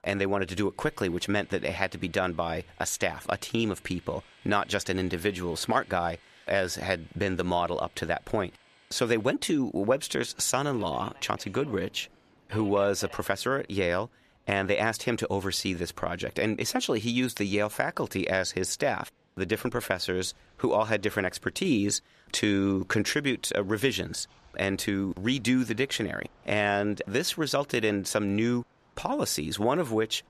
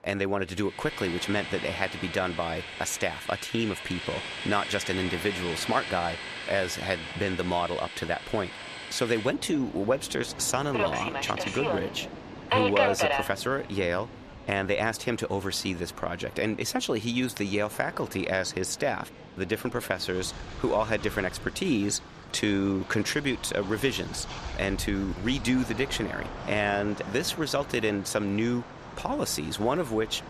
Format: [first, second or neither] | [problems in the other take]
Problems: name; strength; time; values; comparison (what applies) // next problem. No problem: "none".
first | train or aircraft noise; loud; throughout; 6 dB below the speech; faint in the first